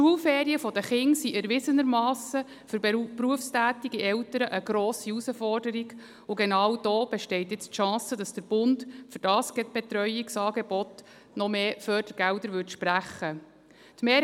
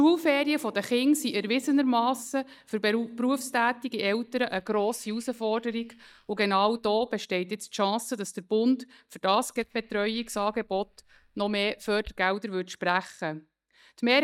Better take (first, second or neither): first